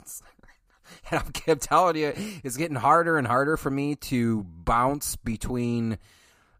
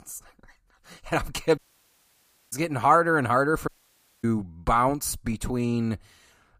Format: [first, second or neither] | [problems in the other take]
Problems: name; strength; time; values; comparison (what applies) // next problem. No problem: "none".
first | audio cutting out; at 1.5 s for 1 s and at 3.5 s for 0.5 s